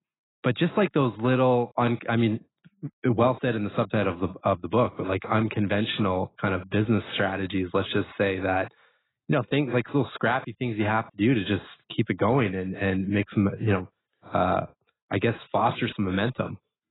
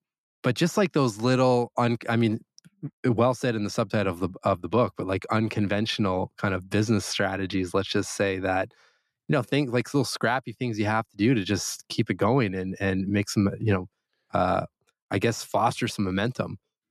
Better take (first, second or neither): second